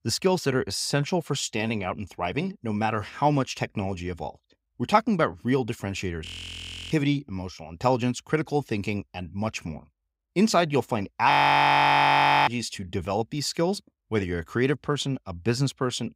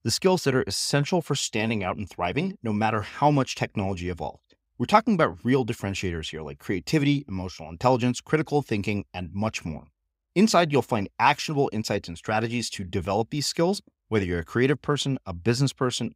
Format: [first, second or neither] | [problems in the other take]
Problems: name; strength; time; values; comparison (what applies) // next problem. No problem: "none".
second | audio freezing; at 6.5 s for 0.5 s and at 11 s for 1 s